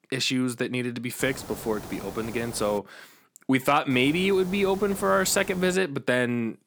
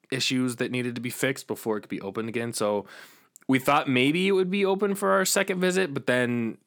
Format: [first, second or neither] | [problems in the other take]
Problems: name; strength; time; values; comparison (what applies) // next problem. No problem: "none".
second | hiss; noticeable; from 1 to 3 s and from 4 to 5.5 s; 15 dB below the speech